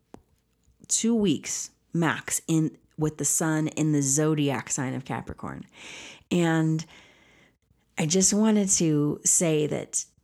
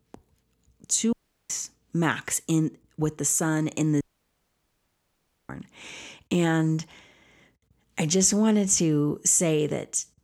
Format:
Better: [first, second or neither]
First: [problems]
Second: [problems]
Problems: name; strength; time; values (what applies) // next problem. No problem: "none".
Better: first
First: none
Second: audio cutting out; at 1 s and at 4 s for 1.5 s